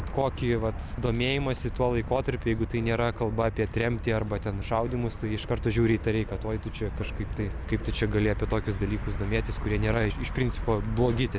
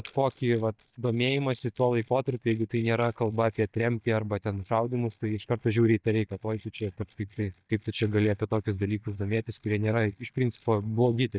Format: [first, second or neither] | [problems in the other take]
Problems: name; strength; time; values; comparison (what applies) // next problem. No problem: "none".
first | noise reduction (neural mask model DeepFilterNet 3)